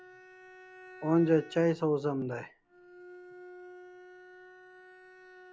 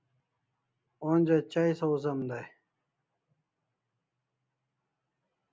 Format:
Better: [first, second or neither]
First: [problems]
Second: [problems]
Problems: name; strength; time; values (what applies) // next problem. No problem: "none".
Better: second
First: background sound (Bowed string instrument); 18 dB below the speech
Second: none